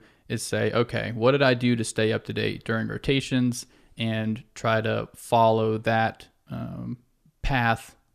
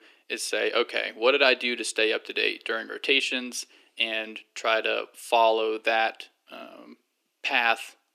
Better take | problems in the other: first | thin; somewhat; fading below 300 Hz

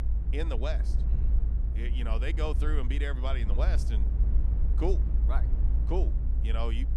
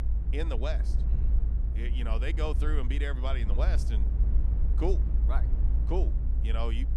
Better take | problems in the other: neither | low rumble; loud; throughout; 10 dB below the speech; the same in both

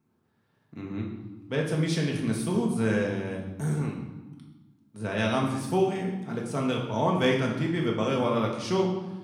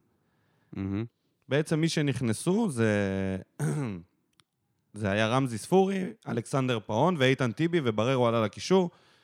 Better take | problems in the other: second | room echo; noticeable; dies away in 0.9 s // off-mic speech; somewhat distant

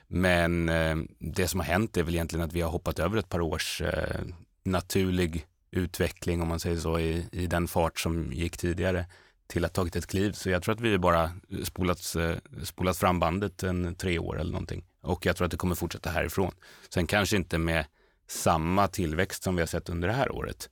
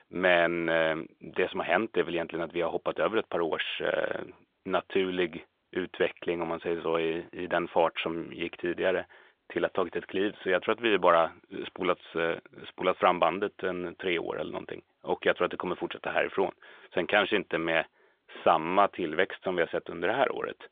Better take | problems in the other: first | phone-call audio; nothing above 3 kHz

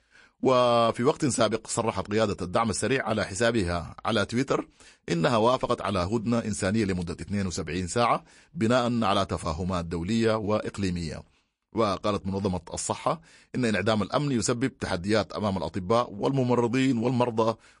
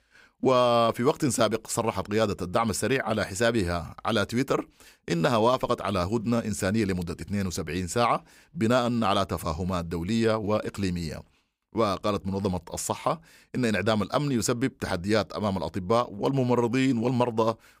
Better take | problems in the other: second | garbled, watery; slightly; nothing above 10.5 kHz

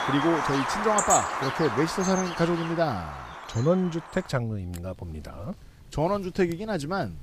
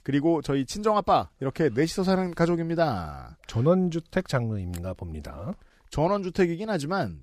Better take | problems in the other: second | animal sounds; loud; throughout; 2 dB below the speech

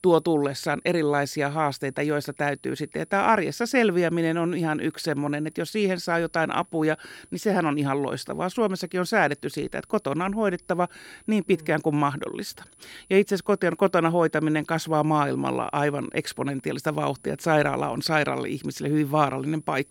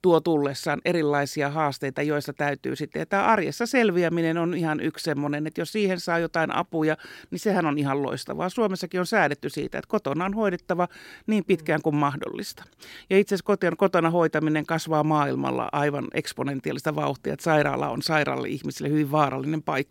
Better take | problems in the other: second | high-pitched whine; faint; throughout; 10 kHz, 30 dB below the speech

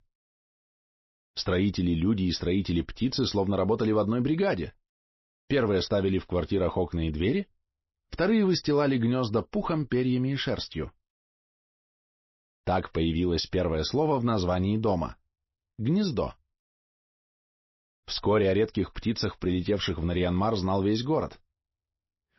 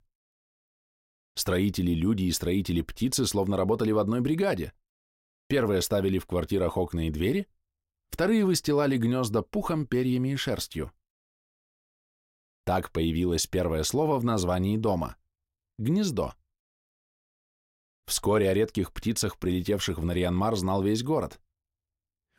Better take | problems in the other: second | garbled, watery; slightly; nothing above 5.5 kHz

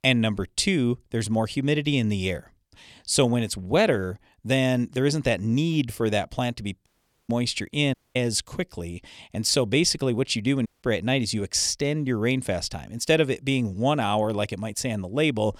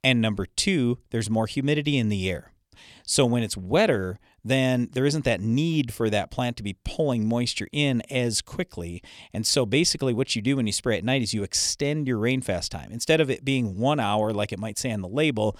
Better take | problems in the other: second | audio cutting out; at 7 s, at 8 s and at 11 s

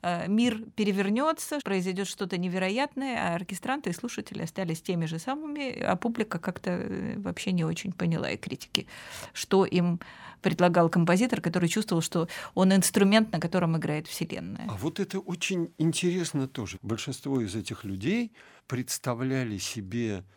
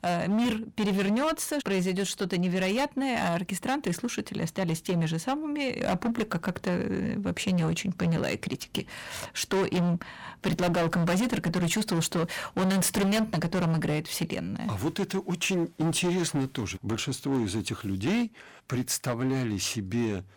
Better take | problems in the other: first | distortion; heavy; 16% of the sound clipped

